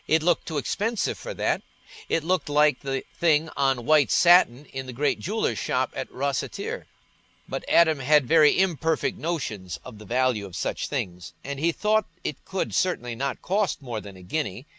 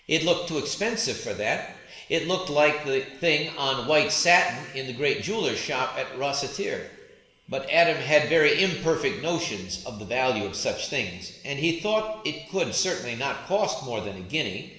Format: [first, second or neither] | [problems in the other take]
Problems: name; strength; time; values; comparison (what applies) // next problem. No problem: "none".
first | room echo; dies away in 1.2 s